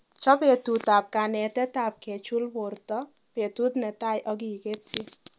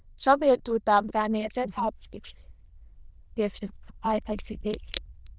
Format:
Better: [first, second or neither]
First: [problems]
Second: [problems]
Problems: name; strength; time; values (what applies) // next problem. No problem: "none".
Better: first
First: none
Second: noise reduction (neural diffusion model UNIVERSE++)